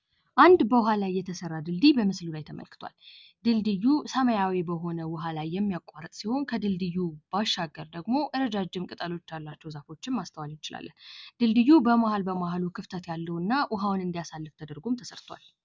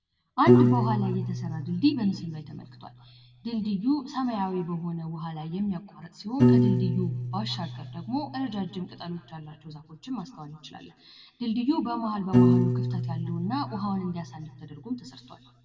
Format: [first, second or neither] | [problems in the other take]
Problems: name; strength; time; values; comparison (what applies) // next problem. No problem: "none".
first | background sound (Piano); 1 dB above the speech // room echo; dies away in 1 s